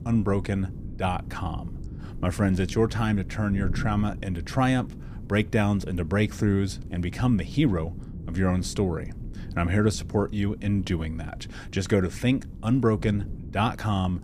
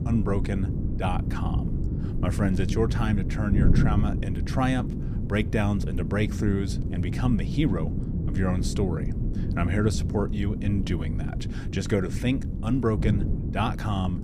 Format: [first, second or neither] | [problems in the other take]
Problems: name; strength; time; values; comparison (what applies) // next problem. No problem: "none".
first | wind noise on the microphone; heavy; 7 dB below the speech; occasional gusts in the first